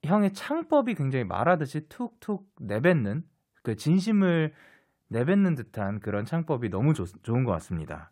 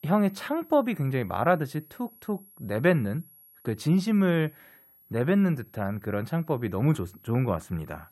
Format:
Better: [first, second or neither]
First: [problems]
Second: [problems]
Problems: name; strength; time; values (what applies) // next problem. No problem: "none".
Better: first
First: none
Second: high-pitched whine; faint; throughout; 11.5 kHz, 25 dB below the speech